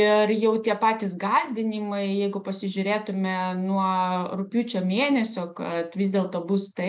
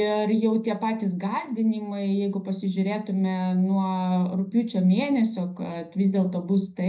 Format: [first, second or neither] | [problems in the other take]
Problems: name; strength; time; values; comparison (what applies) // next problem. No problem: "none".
first | room echo; dies away in 0.4 s